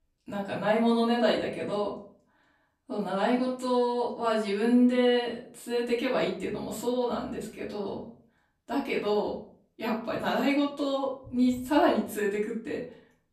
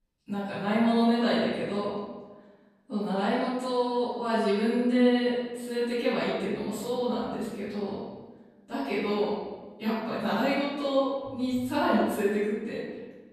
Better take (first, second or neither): first